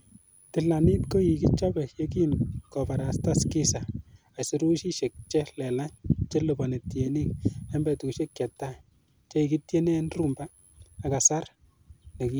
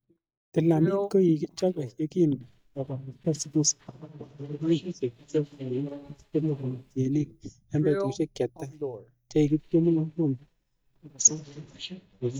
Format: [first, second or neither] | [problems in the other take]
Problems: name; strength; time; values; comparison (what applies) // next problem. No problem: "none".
first | noise reduction (neural mask model DeepFilterNet 3)